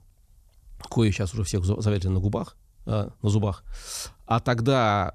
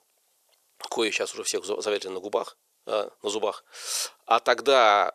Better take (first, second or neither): first